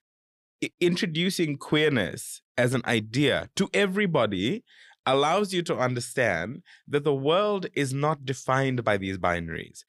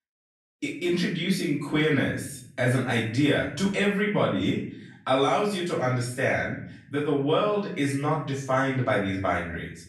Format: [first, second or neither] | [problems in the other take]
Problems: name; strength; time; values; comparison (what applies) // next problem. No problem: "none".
first | off-mic speech; far // room echo; noticeable; dies away in 0.6 s